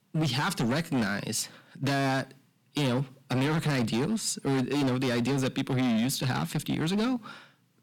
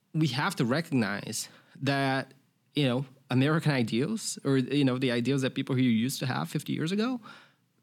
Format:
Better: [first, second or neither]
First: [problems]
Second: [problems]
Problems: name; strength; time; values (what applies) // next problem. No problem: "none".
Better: second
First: distortion; heavy; 19% of the sound clipped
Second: none